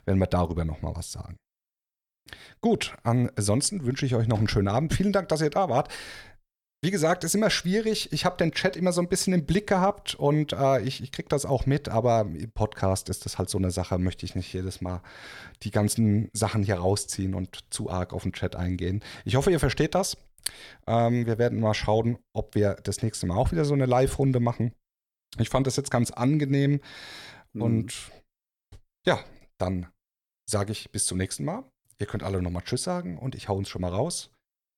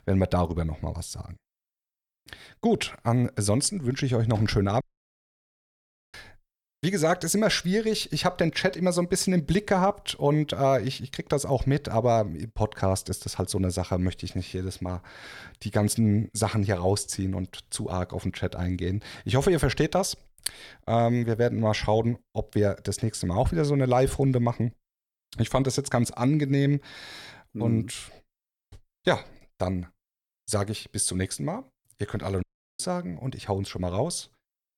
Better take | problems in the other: first | audio cutting out; at 5 s for 1.5 s and at 32 s

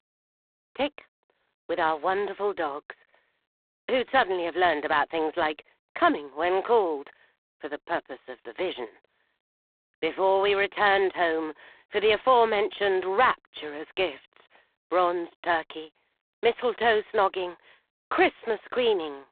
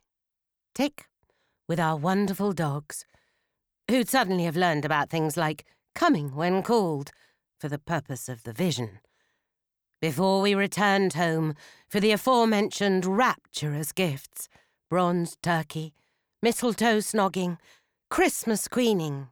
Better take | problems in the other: second | phone-call audio; poor line

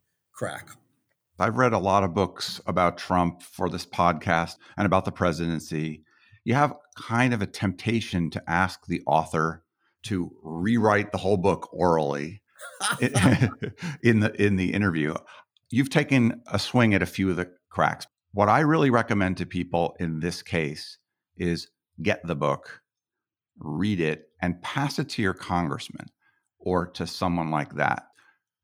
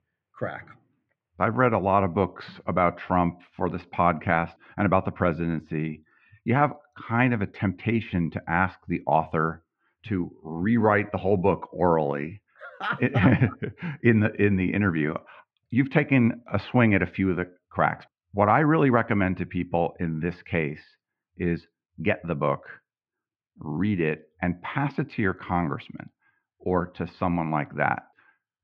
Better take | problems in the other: first | muffled; very; fading above 2.5 kHz

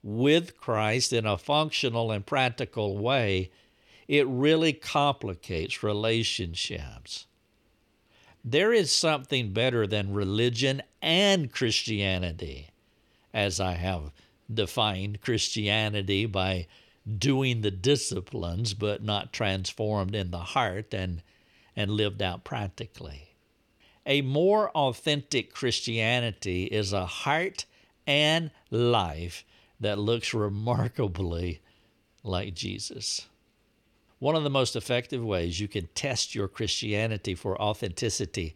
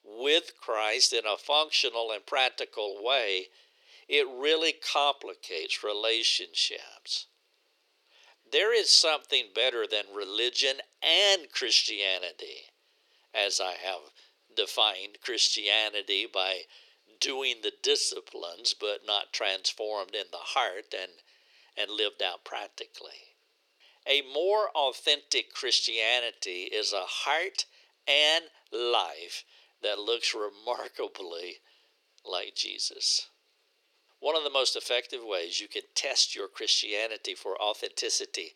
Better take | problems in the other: first | thin; very; fading below 400 Hz

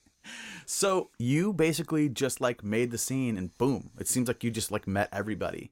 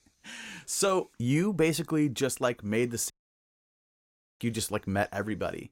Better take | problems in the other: first | audio cutting out; at 3 s for 1.5 s

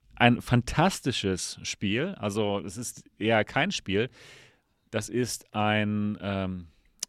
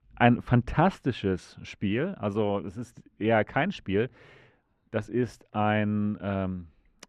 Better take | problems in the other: first | muffled; very; fading above 3.5 kHz

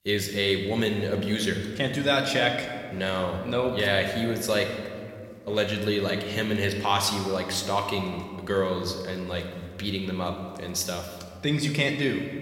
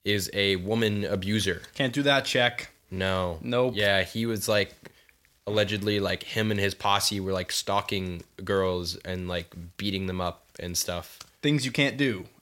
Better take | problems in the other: second | room echo; slight; dies away in 1.6 s

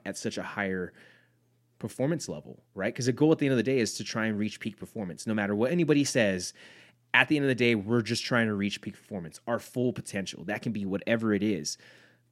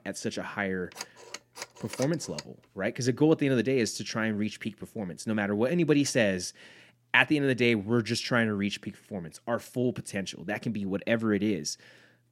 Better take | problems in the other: first | phone ringing; faint; from 1 to 2.5 s; peak 10 dB below the speech

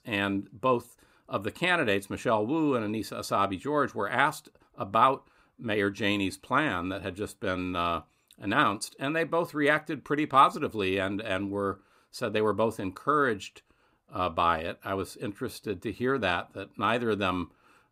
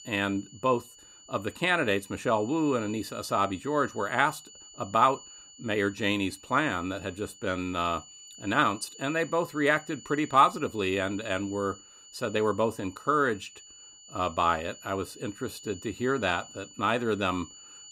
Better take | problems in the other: first | high-pitched whine; noticeable; throughout; 7 kHz, 20 dB below the speech

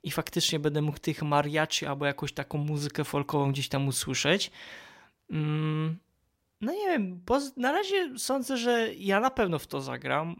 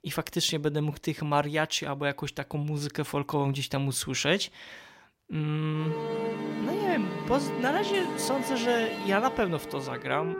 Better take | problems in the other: first | background music; loud; from 6 s on; 5 dB below the speech

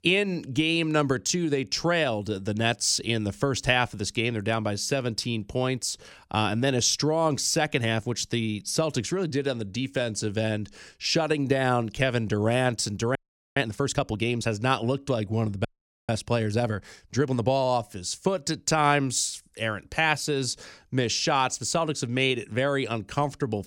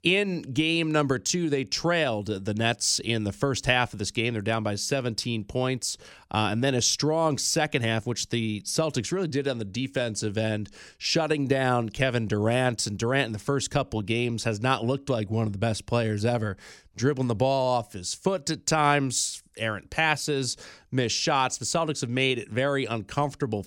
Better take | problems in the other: second | audio freezing; at 13 s and at 16 s

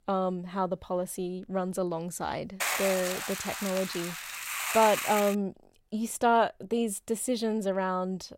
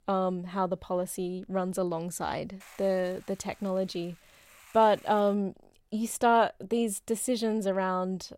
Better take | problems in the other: second | hiss; loud; from 2.5 to 5.5 s; 3 dB below the speech; faint in the second

